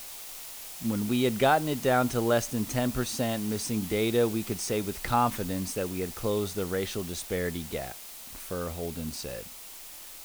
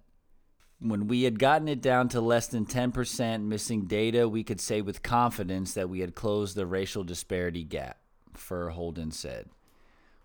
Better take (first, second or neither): second